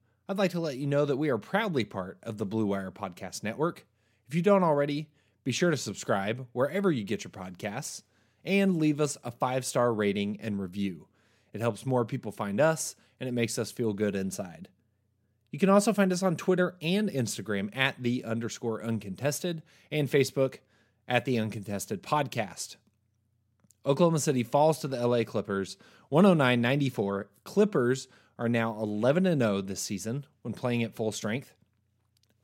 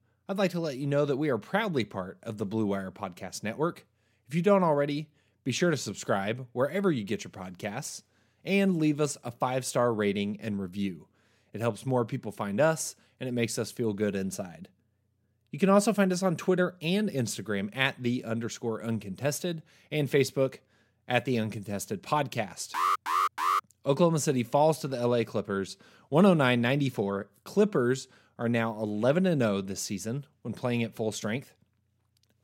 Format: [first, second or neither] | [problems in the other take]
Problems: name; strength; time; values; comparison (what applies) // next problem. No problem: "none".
first | alarm; loud; at 23 s; peak 3 dB above the speech